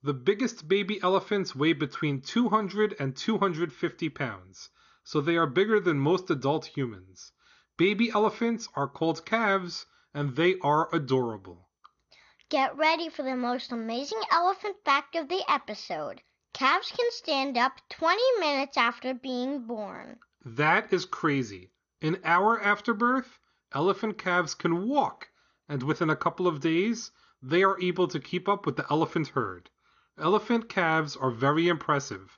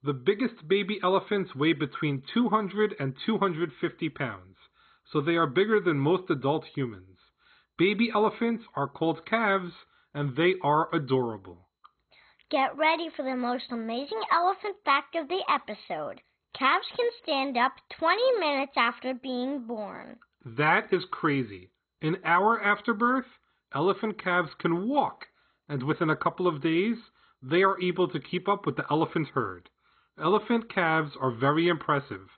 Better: first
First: garbled, watery; slightly; nothing above 6.5 kHz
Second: garbled, watery; badly; nothing above 4 kHz

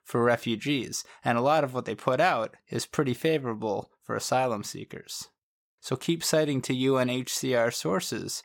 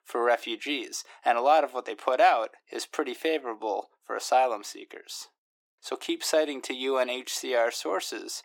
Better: first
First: none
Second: thin; somewhat; fading below 300 Hz

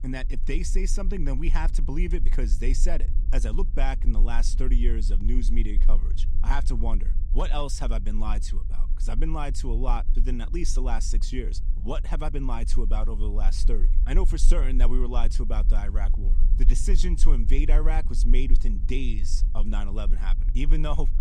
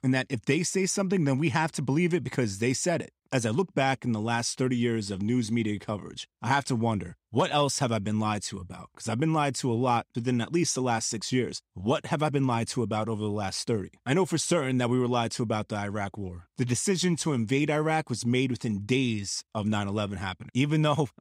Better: second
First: low rumble; noticeable; throughout; 15 dB below the speech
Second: none

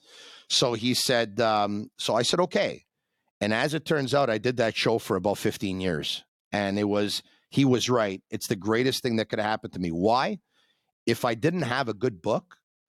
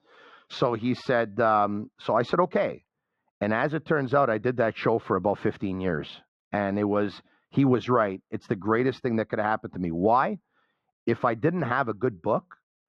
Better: first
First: none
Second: muffled; very; fading above 1.5 kHz

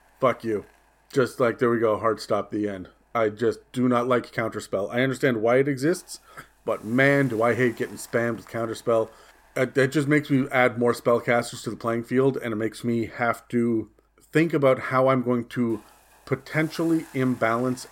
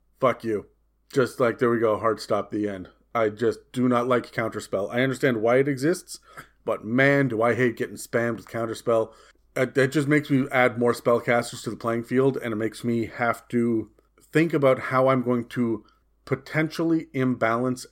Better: second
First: hiss; faint; throughout; 30 dB below the speech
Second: none

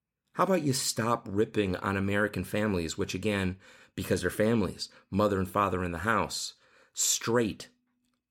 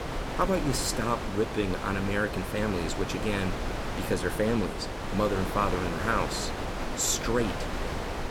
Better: first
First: none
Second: wind noise on the microphone; heavy; 4 dB below the speech

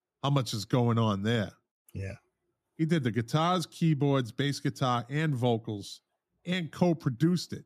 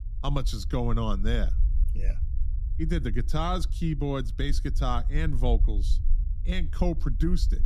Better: first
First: none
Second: low rumble; noticeable; throughout; 20 dB below the speech

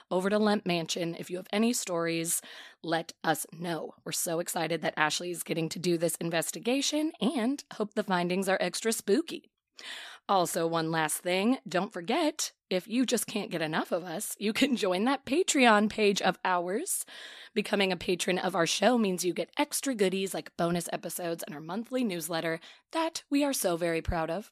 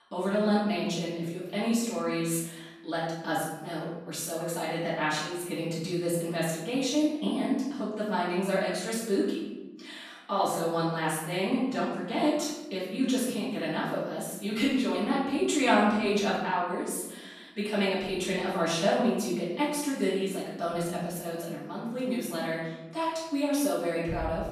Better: first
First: none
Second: off-mic speech; far // room echo; noticeable; dies away in 1.2 s

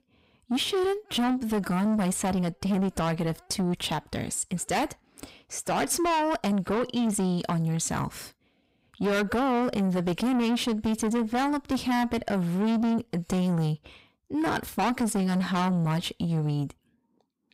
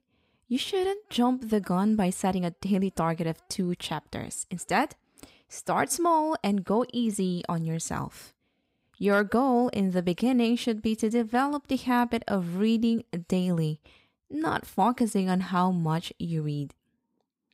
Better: second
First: distortion; heavy; 7 dB below the speech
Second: none

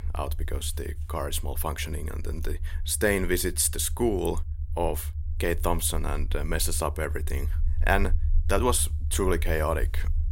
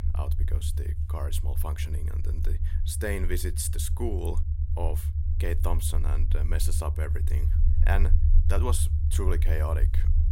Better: first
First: low rumble; faint; throughout; 20 dB below the speech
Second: low rumble; loud; throughout; 9 dB below the speech

